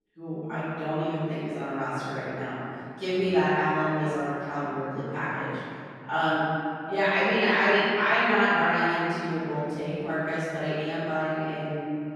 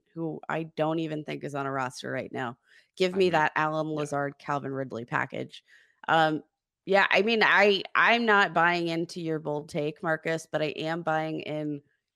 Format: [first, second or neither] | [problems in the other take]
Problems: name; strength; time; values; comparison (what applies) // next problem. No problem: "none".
second | off-mic speech; far // room echo; strong; dies away in 2.6 s